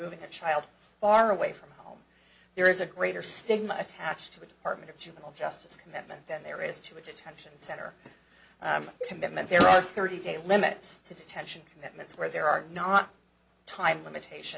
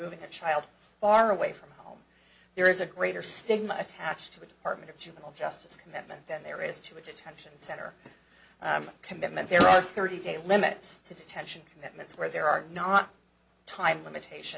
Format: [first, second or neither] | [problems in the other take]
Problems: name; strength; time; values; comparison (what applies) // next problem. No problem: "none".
second | background sound (Cowbell); 16 dB below the speech